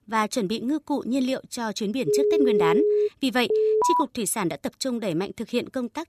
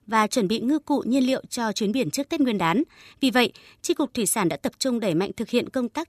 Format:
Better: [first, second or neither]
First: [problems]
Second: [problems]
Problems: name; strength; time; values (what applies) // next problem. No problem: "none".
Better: second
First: phone ringing; loud; from 2 to 3 s; peak 6 dB above the speech // alarm; loud; at 3.5 s; peak 6 dB above the speech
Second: none